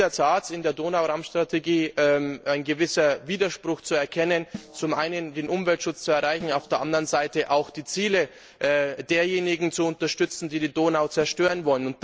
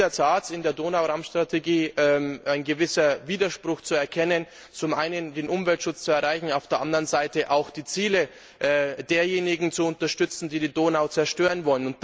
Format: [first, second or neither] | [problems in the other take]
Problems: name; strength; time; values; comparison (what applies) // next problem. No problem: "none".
second | noise reduction (neural separator model SepFormer DNS4)